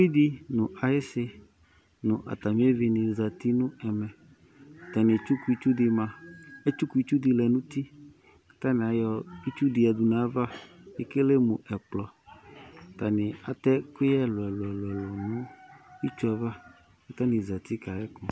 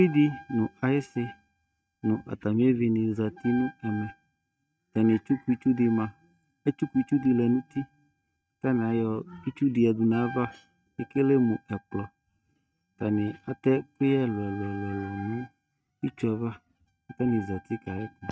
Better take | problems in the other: first | noise reduction (neural mask model RNNoise)

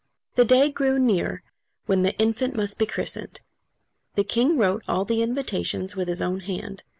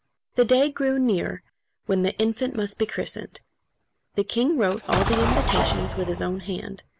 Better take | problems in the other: first | background sound (Explosion); 1 dB below the speech

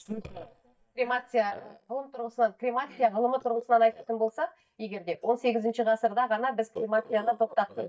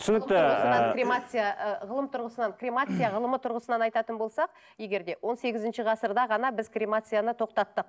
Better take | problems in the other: second | noise reduction (neural mask model DeepFilterNet 3)

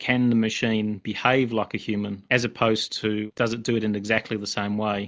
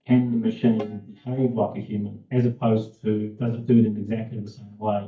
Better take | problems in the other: first | noise reduction (neural mask model DeepFilterNet 3)

